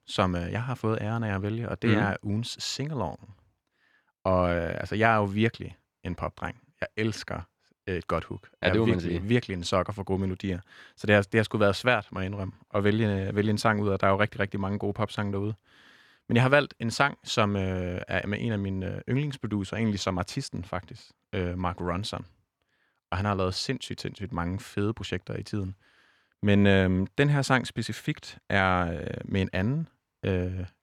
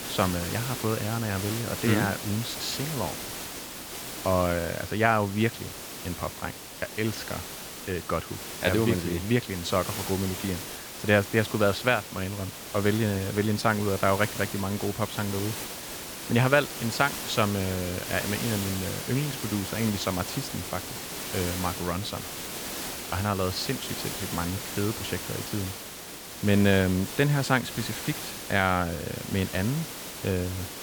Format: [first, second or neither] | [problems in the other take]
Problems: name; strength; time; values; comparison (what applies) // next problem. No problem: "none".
first | hiss; loud; throughout; 7 dB below the speech